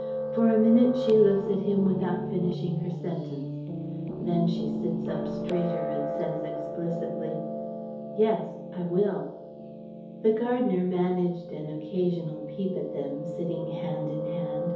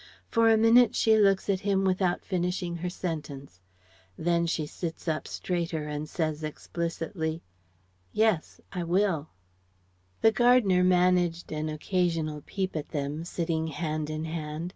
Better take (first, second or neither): second